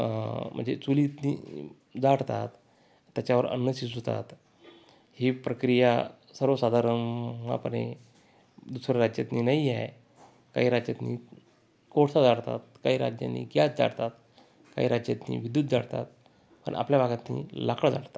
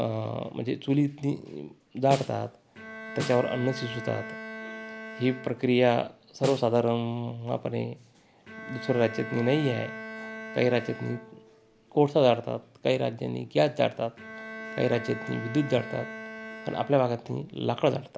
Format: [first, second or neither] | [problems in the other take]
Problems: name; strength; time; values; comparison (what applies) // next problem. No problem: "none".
first | background sound (Bowed string instrument + Snare drum); 13 dB below the speech